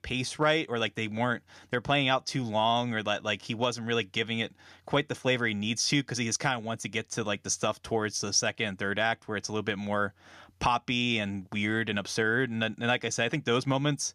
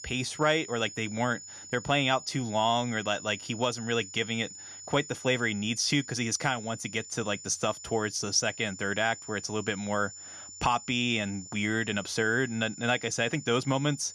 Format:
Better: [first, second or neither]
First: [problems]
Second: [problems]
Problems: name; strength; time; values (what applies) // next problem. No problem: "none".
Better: first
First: none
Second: high-pitched whine; noticeable; throughout; 7 kHz, 15 dB below the speech